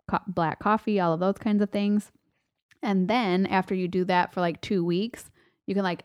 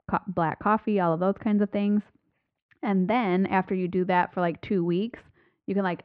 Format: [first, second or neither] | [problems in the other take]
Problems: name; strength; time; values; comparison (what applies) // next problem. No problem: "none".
first | muffled; very; fading above 2.5 kHz